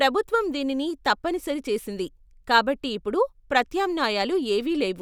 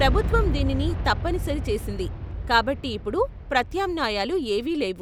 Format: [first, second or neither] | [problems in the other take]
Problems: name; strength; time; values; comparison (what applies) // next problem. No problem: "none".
first | background sound (Boom); 2 dB below the speech